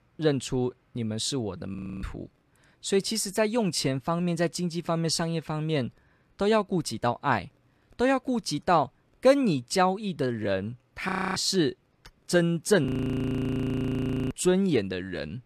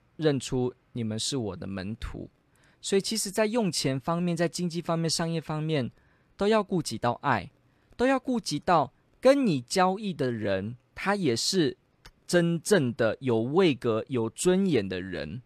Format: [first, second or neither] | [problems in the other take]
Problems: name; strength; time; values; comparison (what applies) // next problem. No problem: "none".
second | audio freezing; at 2 s, at 11 s and at 13 s for 1.5 s